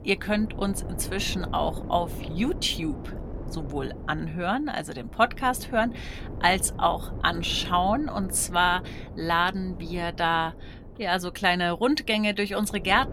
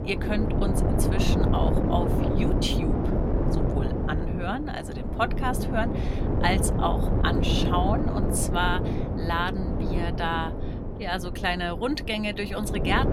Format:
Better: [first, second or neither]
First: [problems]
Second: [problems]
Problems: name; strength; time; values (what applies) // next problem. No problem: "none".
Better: first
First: wind noise on the microphone; occasional gusts; 20 dB below the speech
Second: wind noise on the microphone; heavy; 4 dB below the speech